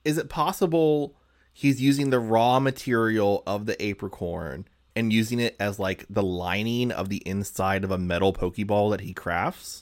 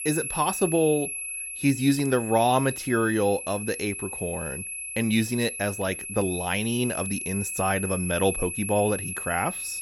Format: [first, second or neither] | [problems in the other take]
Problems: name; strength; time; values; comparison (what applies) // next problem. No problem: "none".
first | high-pitched whine; loud; throughout; 11 kHz, 5 dB below the speech